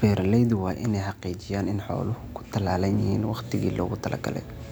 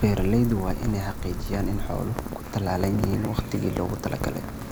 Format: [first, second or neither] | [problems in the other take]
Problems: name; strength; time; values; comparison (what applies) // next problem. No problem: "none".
first | background sound (Rain); 5 dB below the speech